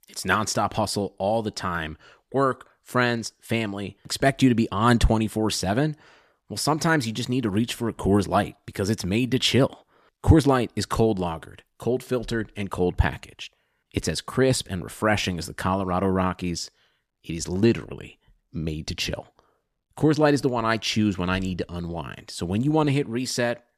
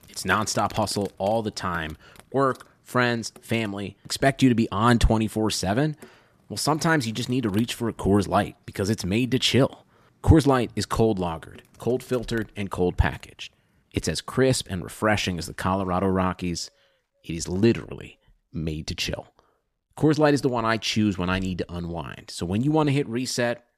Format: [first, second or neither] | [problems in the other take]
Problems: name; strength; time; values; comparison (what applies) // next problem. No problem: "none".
first | animal sounds; faint; throughout; 25 dB below the speech